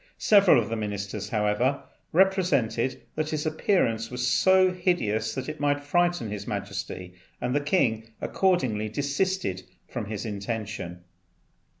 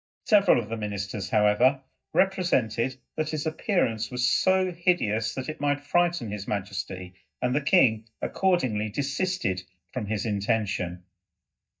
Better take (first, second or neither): first